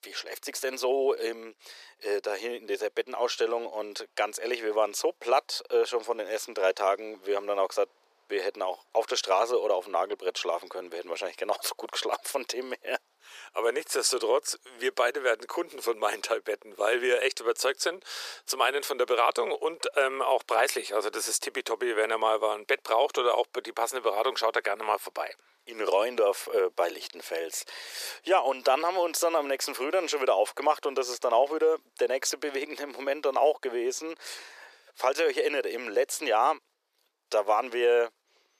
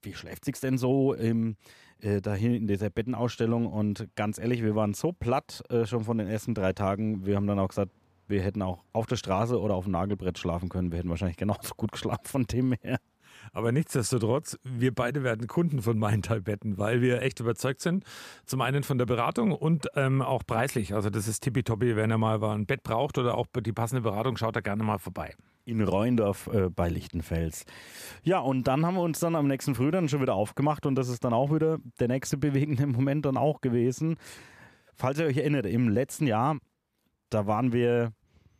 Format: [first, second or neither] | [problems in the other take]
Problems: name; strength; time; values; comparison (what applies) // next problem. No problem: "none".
second | thin; very; fading below 400 Hz